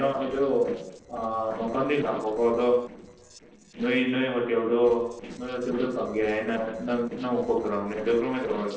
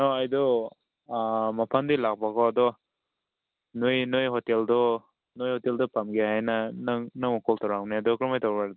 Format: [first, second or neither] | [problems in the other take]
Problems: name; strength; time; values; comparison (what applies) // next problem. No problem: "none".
second | noise reduction (neural separator model SepFormer DNS4)